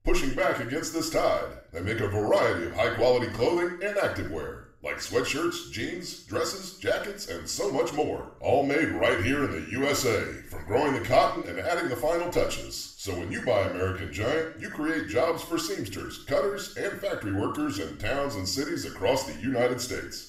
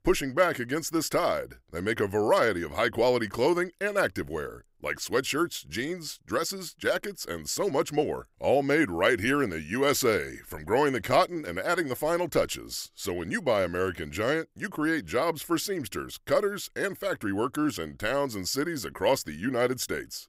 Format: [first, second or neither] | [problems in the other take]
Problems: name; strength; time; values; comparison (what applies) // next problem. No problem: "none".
second | room echo; noticeable; dies away in 0.5 s // off-mic speech; far